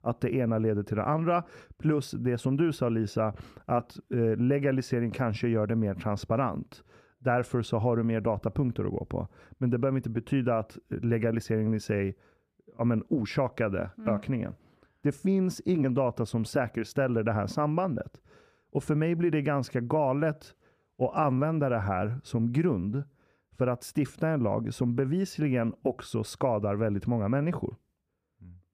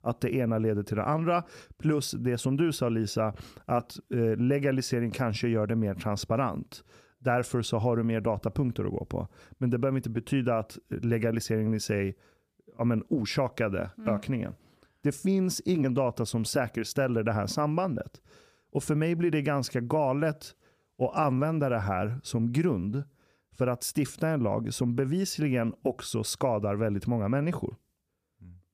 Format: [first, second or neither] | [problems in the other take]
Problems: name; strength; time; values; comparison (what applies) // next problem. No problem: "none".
second | muffled; slightly; fading above 3 kHz